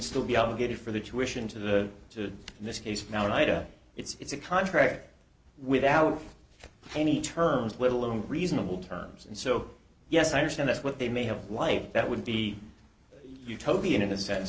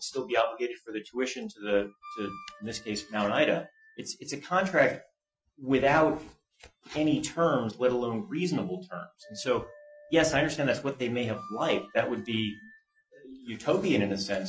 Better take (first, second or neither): first